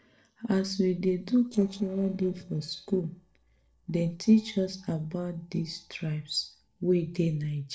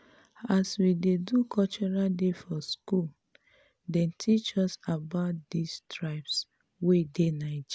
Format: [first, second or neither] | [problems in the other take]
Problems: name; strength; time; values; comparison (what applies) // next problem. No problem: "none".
second | noise reduction (neural separator model SepFormer DNS4)